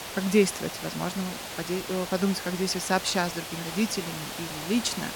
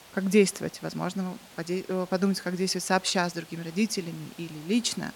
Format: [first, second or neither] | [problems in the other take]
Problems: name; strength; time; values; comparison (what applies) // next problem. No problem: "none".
second | hiss; loud; throughout; 7 dB below the speech; faint in the second